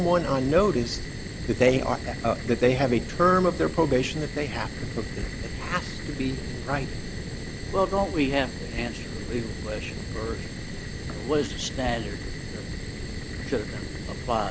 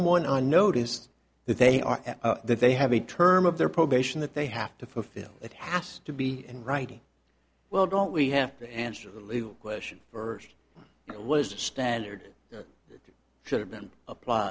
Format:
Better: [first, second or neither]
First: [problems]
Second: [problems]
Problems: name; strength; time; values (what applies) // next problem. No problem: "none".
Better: second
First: background sound (Fire); 6 dB below the speech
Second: none